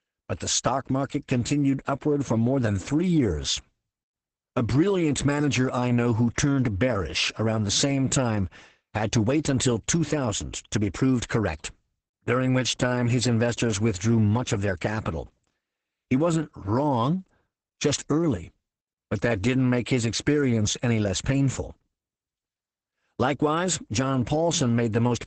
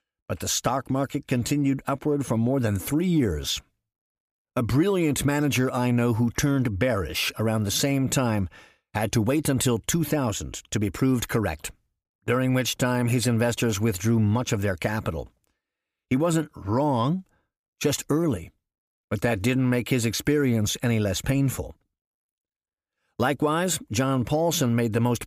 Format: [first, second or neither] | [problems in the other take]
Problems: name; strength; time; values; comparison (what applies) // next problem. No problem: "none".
second | garbled, watery; badly; nothing above 8 kHz